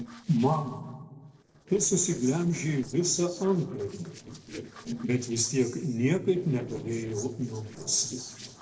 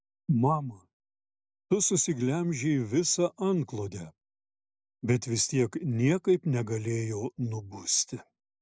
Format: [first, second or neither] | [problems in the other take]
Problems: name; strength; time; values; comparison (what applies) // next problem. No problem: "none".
second | noise reduction (neural separator model SepFormer DNS4)